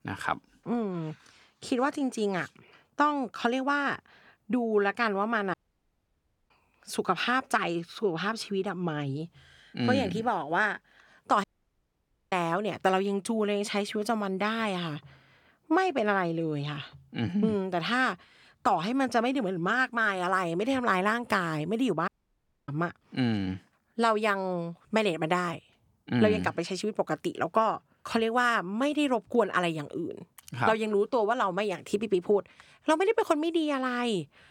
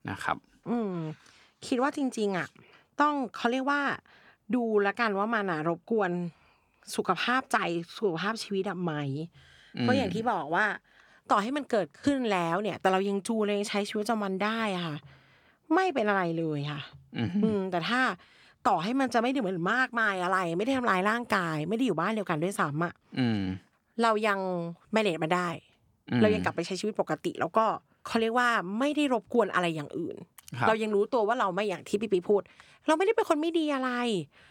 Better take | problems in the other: second | audio cutting out; at 5.5 s for 1 s, at 11 s for 1 s and at 22 s for 0.5 s

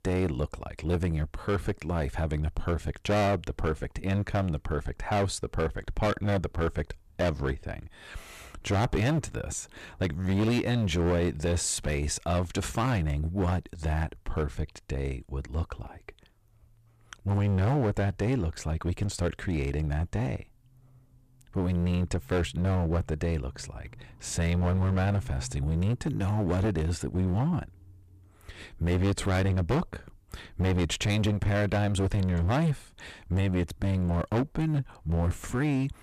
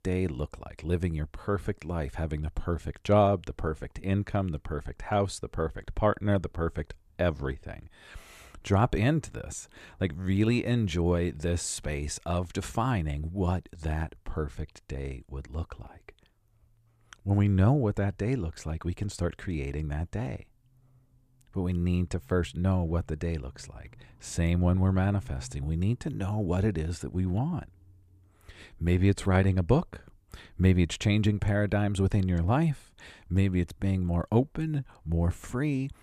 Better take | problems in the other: second | distortion; heavy; 14% of the sound clipped

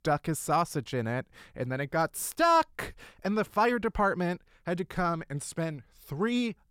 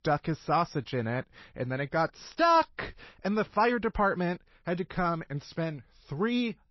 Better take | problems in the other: first | garbled, watery; slightly; nothing above 5.5 kHz

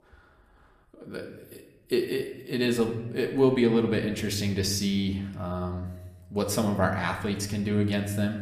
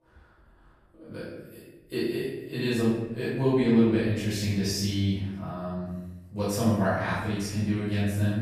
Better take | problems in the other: first | room echo; strong; dies away in 1 s; slight in the first // off-mic speech; far

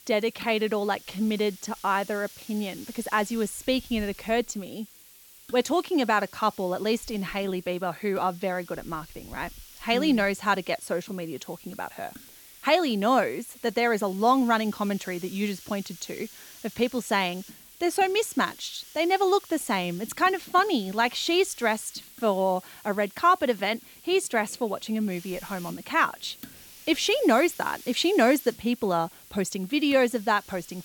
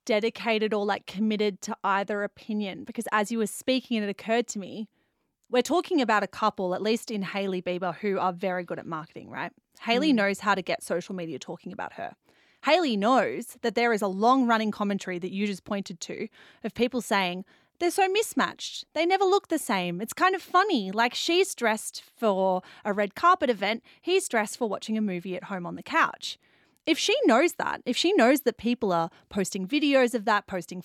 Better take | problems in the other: second | hiss; noticeable; throughout; 20 dB below the speech

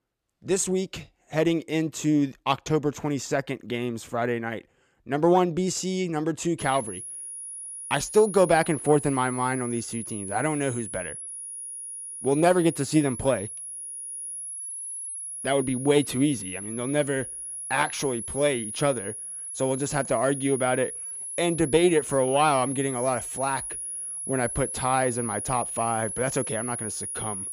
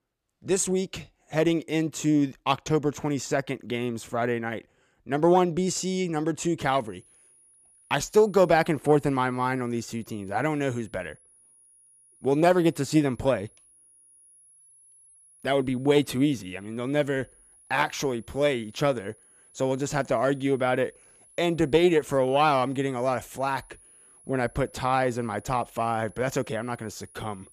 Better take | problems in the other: second | high-pitched whine; loud; from 6.5 s on; 10.5 kHz, 7 dB below the speech; faint in the second

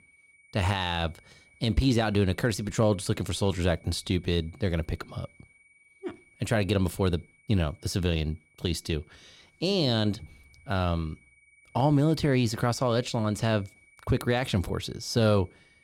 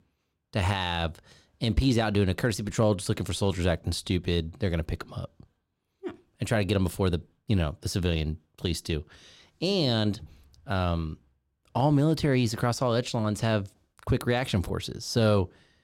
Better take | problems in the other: second | high-pitched whine; faint; throughout; 2.5 kHz, 30 dB below the speech

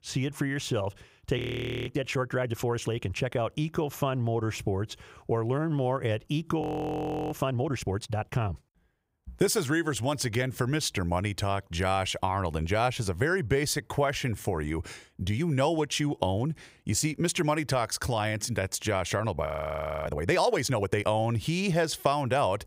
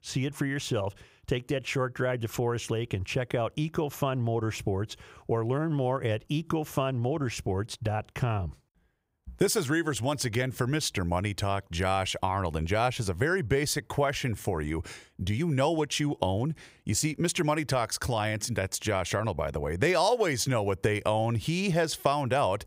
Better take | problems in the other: second | audio freezing; at 1.5 s, at 6.5 s for 0.5 s and at 19 s for 0.5 s

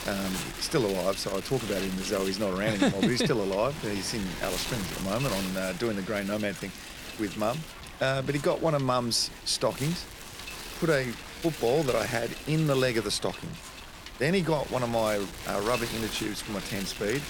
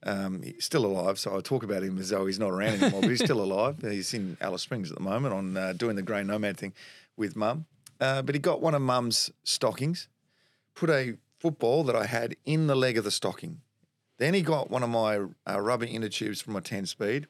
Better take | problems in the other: second | wind noise on the microphone; heavy; 8 dB below the speech

